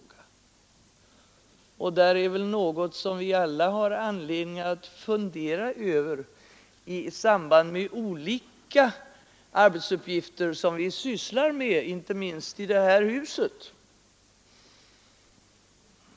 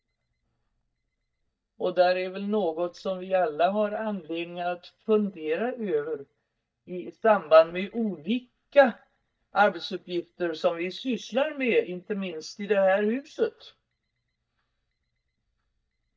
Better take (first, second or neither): first